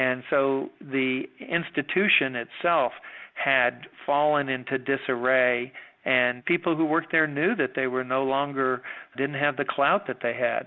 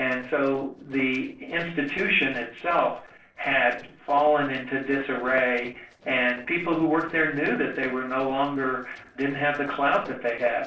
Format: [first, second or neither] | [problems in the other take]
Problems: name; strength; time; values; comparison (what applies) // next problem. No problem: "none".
first | noise reduction (neural separator model SepFormer DNS4)